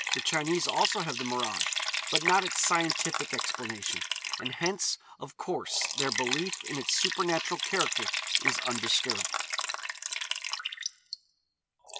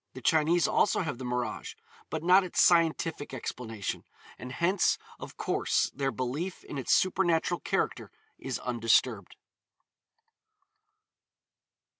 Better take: second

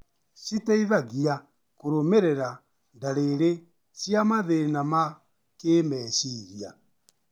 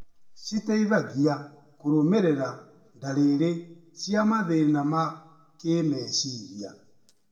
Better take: first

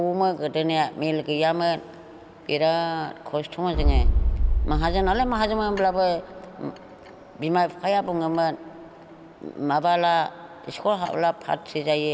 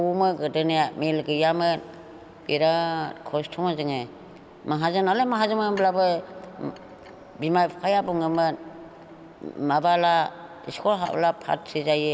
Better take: second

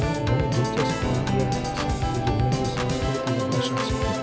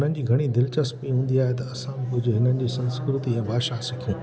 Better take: second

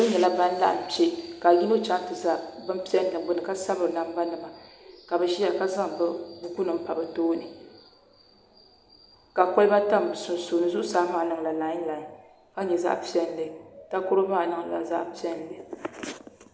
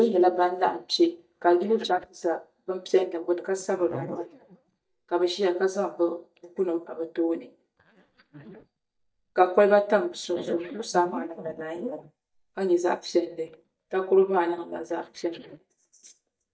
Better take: first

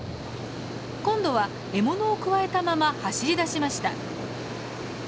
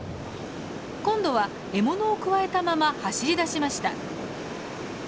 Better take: second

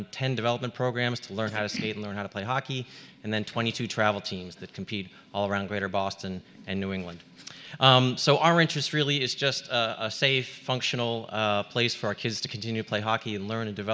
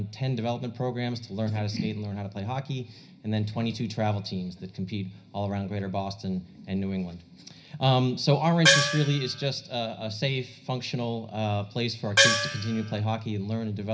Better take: first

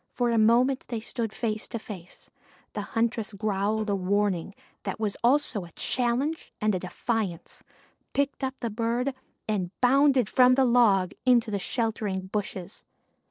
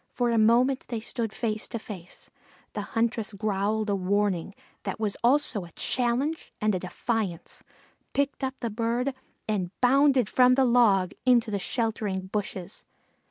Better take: second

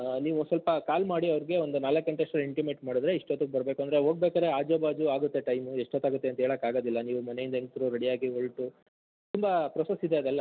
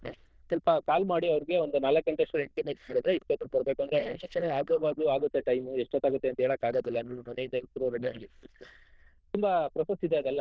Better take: first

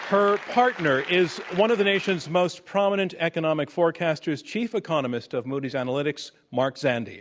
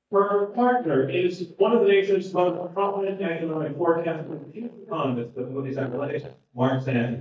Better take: first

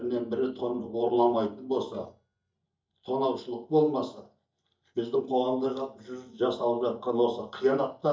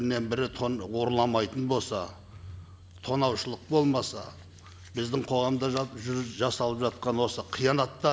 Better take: second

